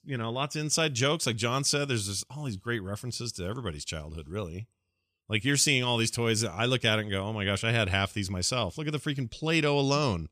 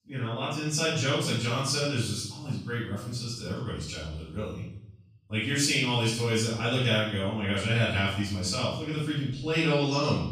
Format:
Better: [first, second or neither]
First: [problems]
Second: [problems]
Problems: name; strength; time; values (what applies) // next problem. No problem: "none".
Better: first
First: none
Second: off-mic speech; far // room echo; noticeable; dies away in 0.7 s